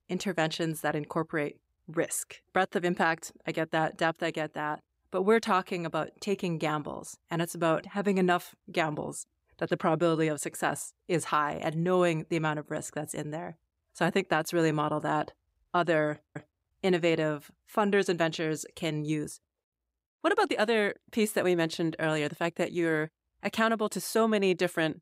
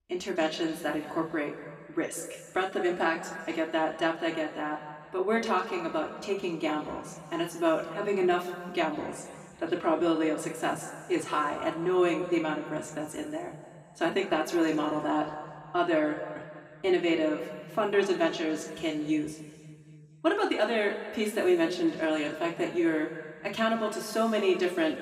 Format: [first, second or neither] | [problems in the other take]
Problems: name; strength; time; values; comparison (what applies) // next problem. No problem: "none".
first | room echo; slight; dies away in 2 s // off-mic speech; far